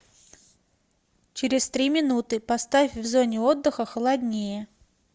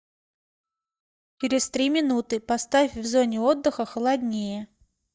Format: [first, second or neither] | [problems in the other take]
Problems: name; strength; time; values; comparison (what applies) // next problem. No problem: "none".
first | noise reduction (neural mask model DeepFilterNet 3)